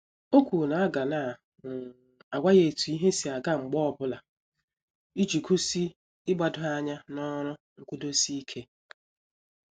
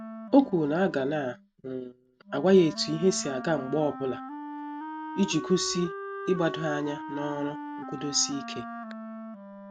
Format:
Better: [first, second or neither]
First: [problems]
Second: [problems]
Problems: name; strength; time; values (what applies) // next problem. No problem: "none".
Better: first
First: none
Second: background sound (Wind instrument, woodwind instrument); 11 dB below the speech